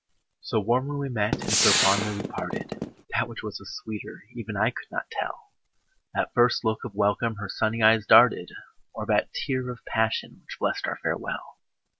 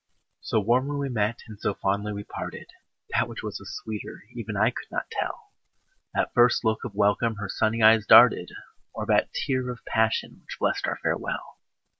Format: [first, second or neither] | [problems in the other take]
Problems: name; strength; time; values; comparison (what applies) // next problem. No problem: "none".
second | background sound (Gunshot, gunfire); 1 dB above the speech